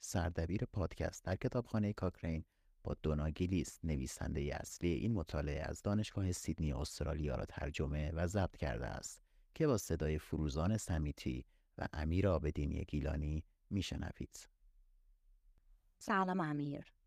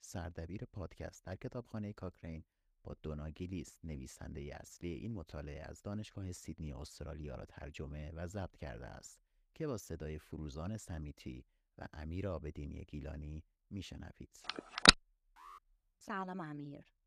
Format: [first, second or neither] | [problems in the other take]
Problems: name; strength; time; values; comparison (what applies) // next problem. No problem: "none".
first | phone ringing; loud; at 14 s; peak 20 dB above the speech // alarm; faint; at 15 s; peak 10 dB below the speech